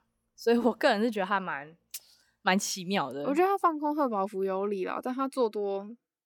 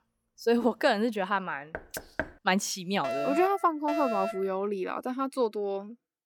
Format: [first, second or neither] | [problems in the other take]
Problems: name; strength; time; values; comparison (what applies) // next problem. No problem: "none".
first | door banging; noticeable; at 1.5 s; peak 7 dB below the speech // alarm; noticeable; from 3 to 4.5 s; peak 3 dB below the speech